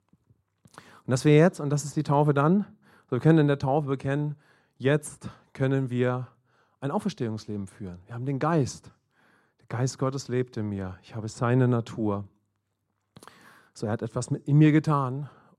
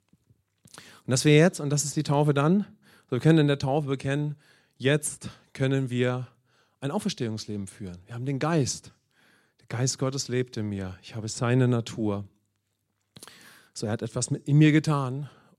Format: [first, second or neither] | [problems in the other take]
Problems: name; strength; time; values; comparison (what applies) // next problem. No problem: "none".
second | muffled; slightly; fading above 2 kHz